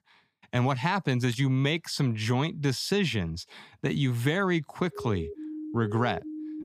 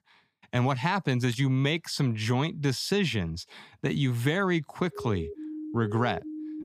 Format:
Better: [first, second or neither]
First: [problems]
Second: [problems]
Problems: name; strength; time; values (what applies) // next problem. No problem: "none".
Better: neither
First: siren; noticeable; from 5 s on; peak 10 dB below the speech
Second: siren; noticeable; from 5 s on; peak 10 dB below the speech